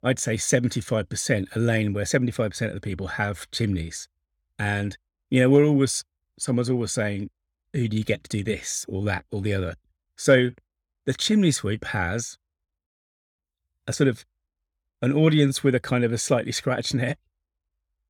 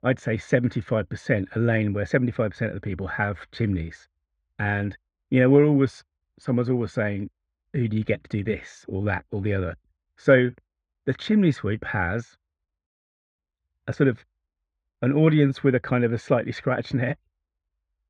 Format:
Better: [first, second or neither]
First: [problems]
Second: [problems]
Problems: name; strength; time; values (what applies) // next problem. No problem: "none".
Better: first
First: none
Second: muffled; very; fading above 2 kHz